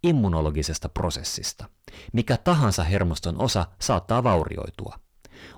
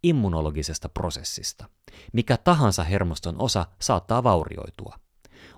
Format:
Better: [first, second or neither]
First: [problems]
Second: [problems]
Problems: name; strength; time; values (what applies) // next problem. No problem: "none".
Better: second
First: distortion; slight; 9 dB below the speech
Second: none